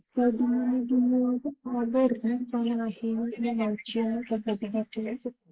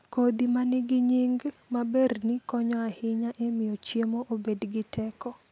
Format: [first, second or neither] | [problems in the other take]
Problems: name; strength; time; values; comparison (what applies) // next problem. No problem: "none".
second | noise reduction (neural mask model Resemble Enhance denoiser)